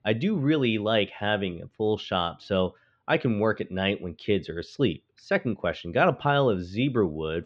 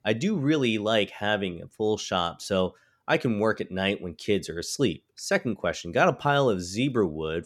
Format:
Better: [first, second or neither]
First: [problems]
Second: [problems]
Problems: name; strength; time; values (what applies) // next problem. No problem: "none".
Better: second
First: muffled; slightly; fading above 3.5 kHz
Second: none